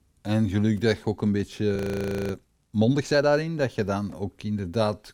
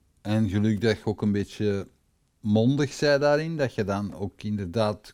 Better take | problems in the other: second | audio freezing; at 2 s for 0.5 s

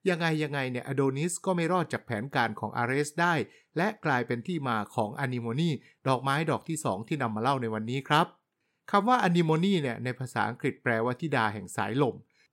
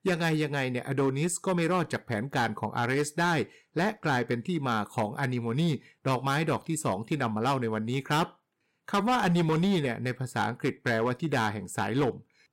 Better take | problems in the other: first | distortion; slight; 7% of the sound clipped

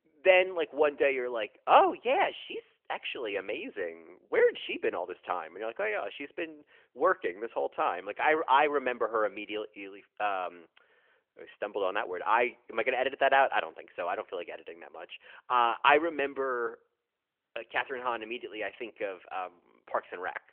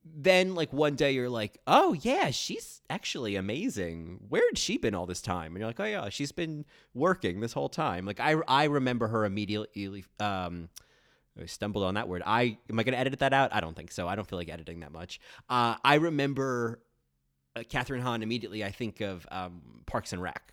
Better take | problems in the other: second | phone-call audio; nothing above 3 kHz

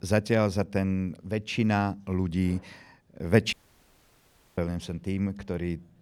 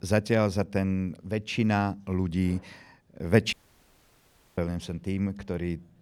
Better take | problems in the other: neither | audio cutting out; at 3.5 s for 1 s; the same in both

